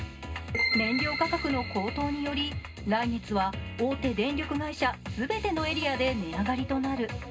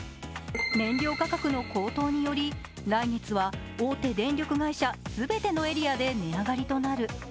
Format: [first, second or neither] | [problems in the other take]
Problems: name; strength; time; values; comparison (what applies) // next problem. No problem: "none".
second | room echo; dies away in 0.2 s